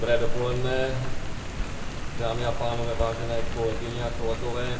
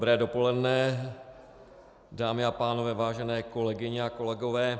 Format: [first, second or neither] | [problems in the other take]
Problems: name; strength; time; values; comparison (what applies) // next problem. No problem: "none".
second | background sound (Rain); 2 dB above the speech // room echo; dies away in 0.2 s